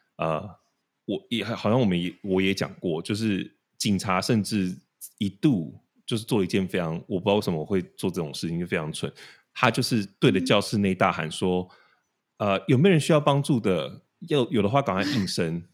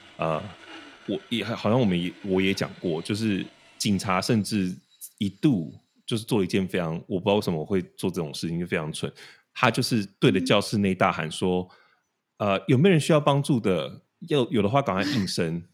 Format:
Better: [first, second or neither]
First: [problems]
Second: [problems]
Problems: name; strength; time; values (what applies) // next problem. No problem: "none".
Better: first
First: none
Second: machinery noise; faint; until 5.5 s; 25 dB below the speech